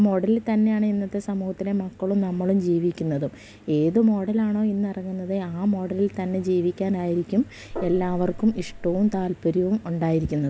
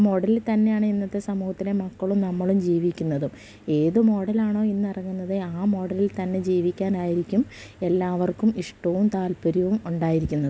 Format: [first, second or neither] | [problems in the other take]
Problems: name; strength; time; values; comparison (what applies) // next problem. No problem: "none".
second | background sound (Gong); 11 dB below the speech